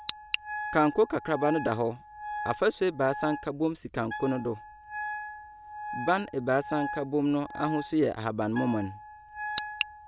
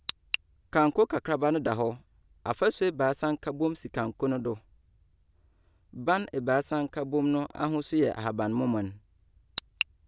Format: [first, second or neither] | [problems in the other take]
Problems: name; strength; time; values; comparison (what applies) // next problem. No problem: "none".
second | background sound (Wind instrument, woodwind instrument); 10 dB below the speech